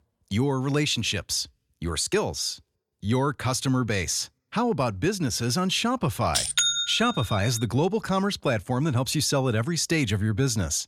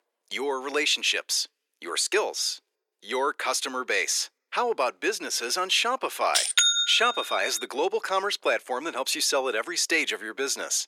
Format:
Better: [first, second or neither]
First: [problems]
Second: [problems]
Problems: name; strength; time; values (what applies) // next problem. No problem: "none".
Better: first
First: none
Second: thin; very; fading below 350 Hz